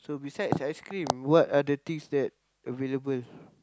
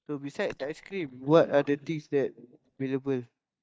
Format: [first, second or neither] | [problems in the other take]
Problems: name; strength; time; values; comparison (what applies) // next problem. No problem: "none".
first | noise reduction (neural mask model DeepFilterNet 3)